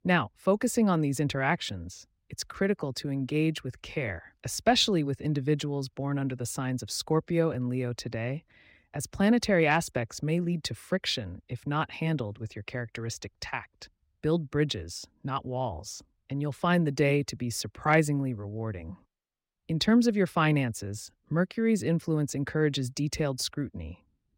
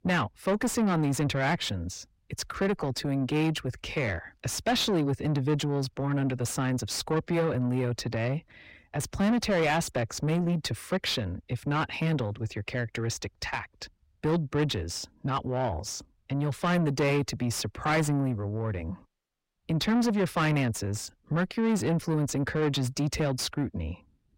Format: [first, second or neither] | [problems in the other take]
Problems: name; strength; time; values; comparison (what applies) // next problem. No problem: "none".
first | distortion; heavy; 7 dB below the speech